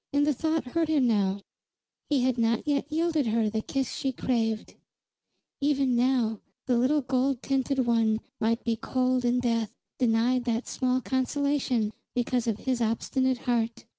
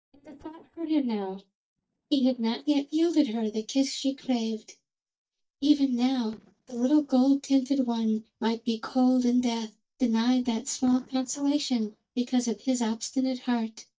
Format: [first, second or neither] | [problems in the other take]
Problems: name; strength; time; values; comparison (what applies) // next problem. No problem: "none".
first | noise reduction (neural mask model DeepFilterNet 3)